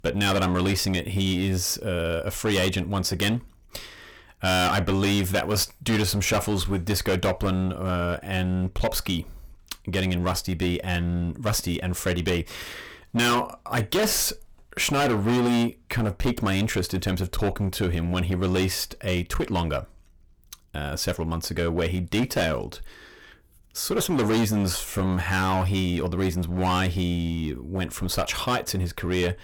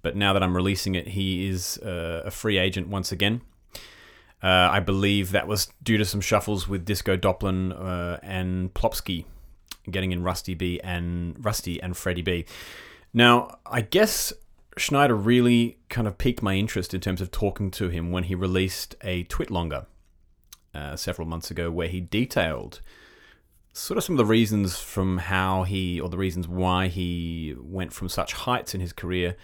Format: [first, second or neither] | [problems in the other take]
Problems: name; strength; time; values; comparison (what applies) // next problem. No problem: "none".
second | distortion; heavy; 14% of the sound clipped